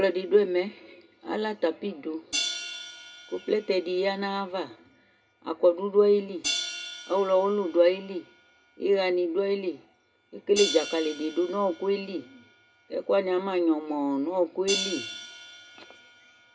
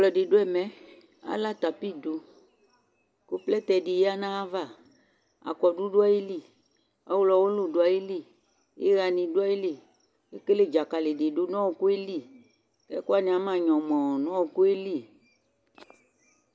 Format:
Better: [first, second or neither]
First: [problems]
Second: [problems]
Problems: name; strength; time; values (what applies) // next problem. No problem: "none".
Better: second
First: background sound (Hi-hat); 12 dB below the speech // room echo; dies away in 0.2 s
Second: none